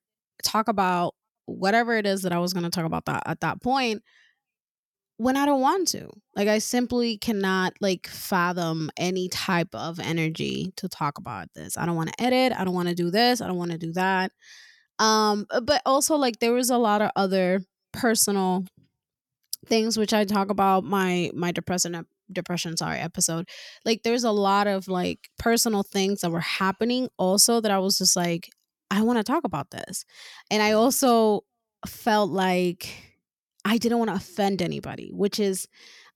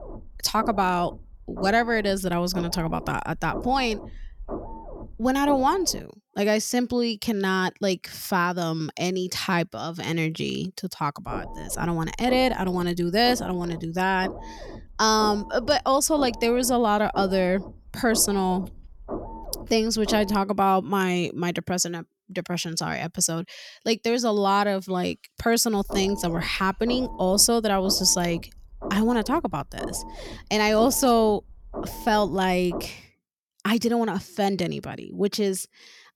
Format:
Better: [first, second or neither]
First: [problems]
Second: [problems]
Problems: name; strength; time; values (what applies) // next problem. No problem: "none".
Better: first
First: none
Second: low rumble; noticeable; until 6 s, from 11 to 20 s and from 26 to 33 s; 15 dB below the speech